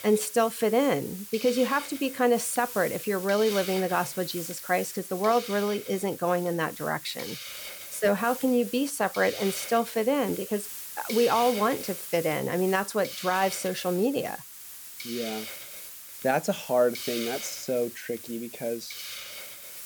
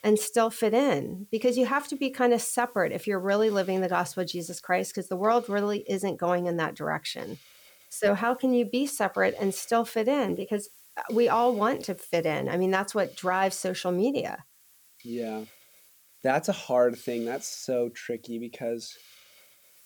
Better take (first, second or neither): second